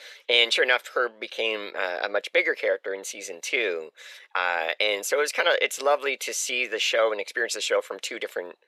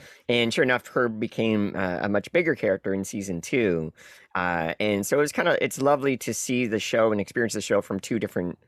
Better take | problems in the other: second | thin; very; fading below 450 Hz

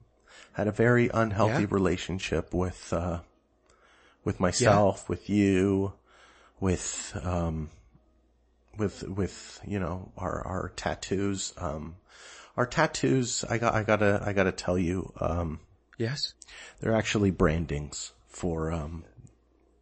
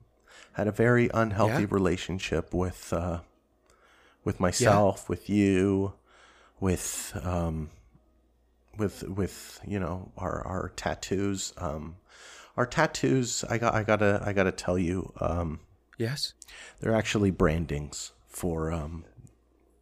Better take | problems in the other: second | garbled, watery; slightly; nothing above 8 kHz

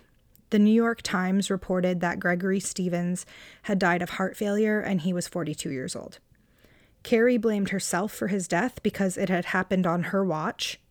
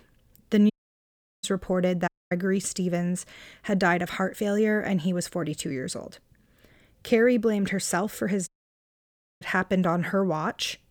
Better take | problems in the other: first | audio cutting out; at 0.5 s for 0.5 s, at 2 s and at 8.5 s for 1 s

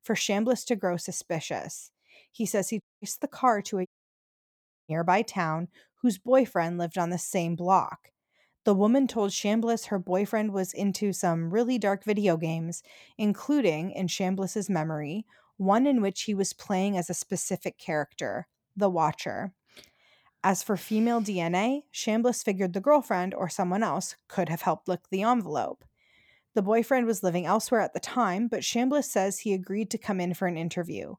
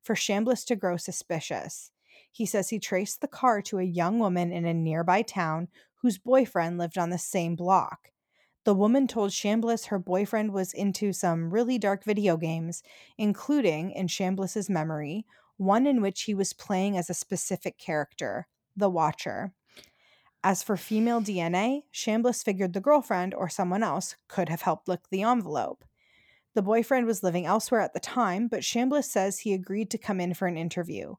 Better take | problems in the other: second | audio cutting out; at 3 s and at 4 s for 1 s

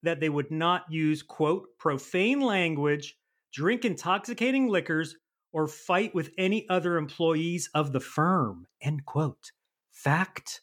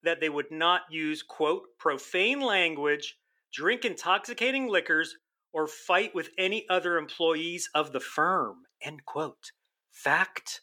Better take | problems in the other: first | thin; somewhat; fading below 450 Hz

